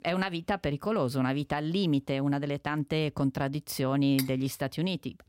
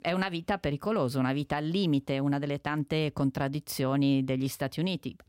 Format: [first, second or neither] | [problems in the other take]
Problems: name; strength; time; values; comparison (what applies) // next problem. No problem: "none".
second | clattering dishes; noticeable; at 4 s; peak 8 dB below the speech